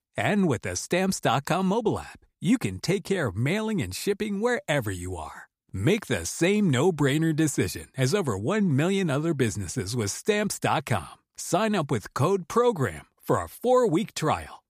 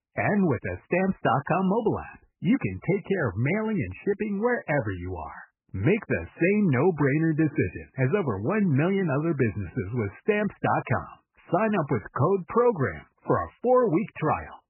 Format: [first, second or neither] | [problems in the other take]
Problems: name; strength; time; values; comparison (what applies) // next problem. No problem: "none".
first | garbled, watery; badly; nothing above 2.5 kHz